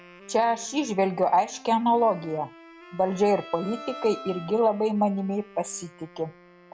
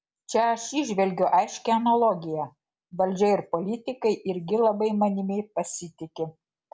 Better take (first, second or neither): second